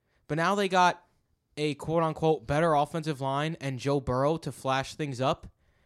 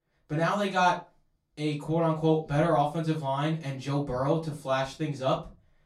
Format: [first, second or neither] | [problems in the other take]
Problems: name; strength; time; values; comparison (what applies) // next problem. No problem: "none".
first | off-mic speech; far // room echo; very slight; dies away in 0.2 s